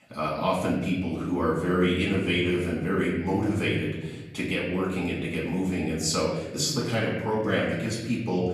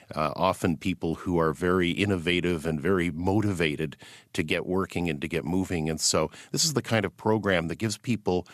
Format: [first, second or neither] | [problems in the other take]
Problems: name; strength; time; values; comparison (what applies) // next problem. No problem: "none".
second | off-mic speech; far // room echo; noticeable; dies away in 1.2 s